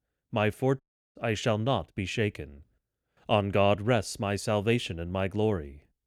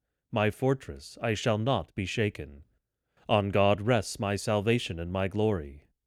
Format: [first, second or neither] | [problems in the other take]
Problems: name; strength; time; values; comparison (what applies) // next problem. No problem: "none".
second | audio cutting out; at 1 s